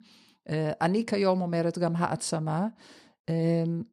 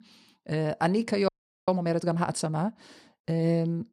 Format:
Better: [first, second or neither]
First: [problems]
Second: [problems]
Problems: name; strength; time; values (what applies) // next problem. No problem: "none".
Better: first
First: none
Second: audio freezing; at 1.5 s